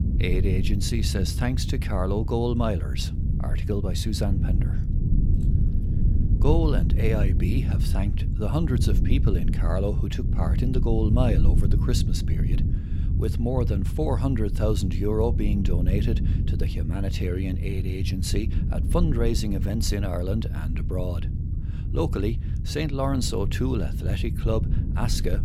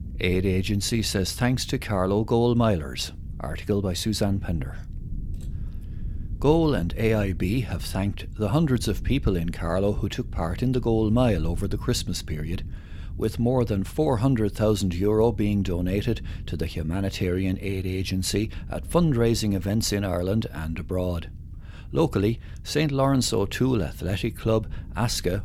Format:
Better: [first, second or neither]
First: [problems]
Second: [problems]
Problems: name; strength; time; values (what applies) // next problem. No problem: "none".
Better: second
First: low rumble; loud; throughout; 8 dB below the speech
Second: low rumble; faint; throughout; 25 dB below the speech